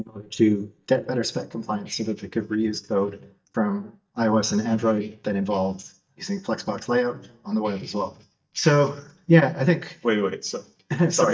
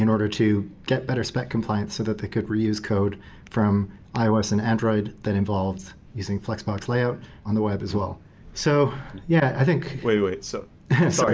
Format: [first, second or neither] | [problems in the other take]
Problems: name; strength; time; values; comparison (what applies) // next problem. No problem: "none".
second | noise reduction (neural mask model DeepFilterNet 3)